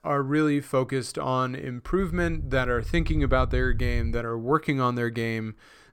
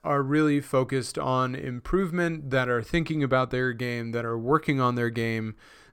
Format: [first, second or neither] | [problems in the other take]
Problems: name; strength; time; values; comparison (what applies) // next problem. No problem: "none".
second | low rumble; very faint; from 2 to 4 s; 25 dB below the speech